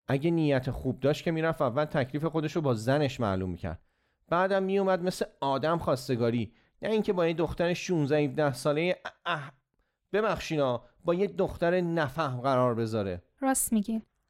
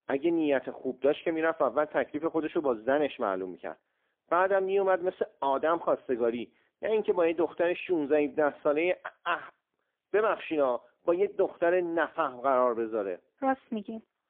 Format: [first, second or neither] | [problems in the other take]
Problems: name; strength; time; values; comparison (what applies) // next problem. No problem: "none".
first | phone-call audio; poor line; nothing above 3.5 kHz